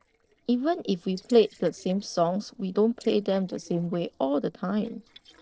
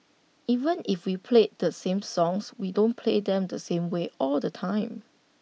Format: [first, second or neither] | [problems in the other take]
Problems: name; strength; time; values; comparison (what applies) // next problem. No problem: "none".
second | noise reduction (neural separator model SepFormer DNS4)